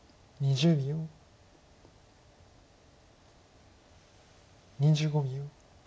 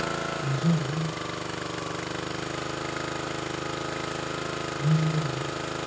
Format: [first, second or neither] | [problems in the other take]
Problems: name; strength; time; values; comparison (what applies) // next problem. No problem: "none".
first | background sound (Engine starting); 1 dB above the speech // room echo; dies away in 0.3 s